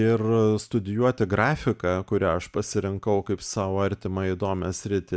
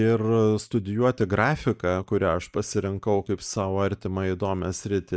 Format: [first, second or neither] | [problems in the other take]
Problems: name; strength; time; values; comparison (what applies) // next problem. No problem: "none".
first | noise reduction (neural mask model Resemble Enhance denoiser)